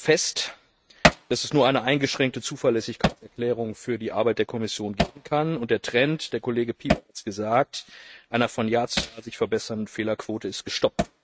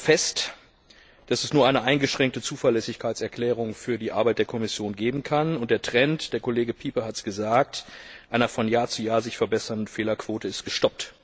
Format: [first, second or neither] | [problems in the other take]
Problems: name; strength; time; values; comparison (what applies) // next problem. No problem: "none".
second | noise reduction (neural mask model RNNoise)